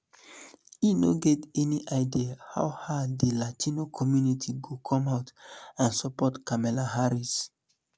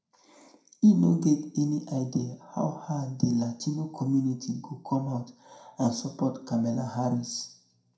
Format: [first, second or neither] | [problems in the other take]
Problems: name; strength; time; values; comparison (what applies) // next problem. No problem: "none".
first | room echo; dies away in 0.5 s